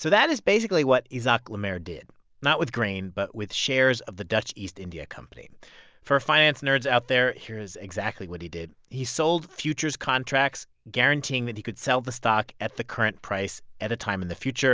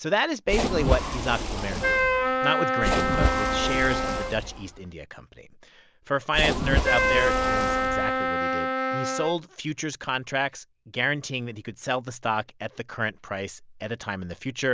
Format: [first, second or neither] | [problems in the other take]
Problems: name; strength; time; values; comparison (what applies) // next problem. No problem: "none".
first | background sound (Wind instrument, woodwind instrument + Splash, splatter); 4 dB above the speech